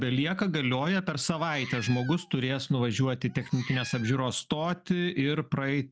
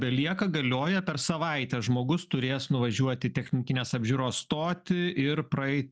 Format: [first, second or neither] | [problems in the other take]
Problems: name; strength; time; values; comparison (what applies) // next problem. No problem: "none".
second | background sound (Meow); 15 dB below the speech